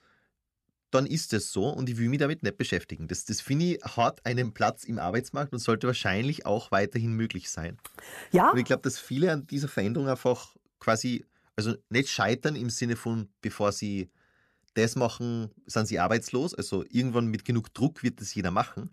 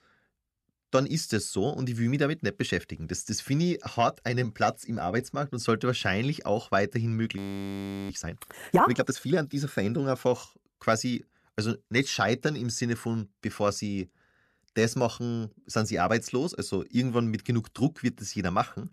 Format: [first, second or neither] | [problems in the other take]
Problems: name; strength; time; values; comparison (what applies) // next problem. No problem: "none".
first | audio freezing; at 7.5 s for 0.5 s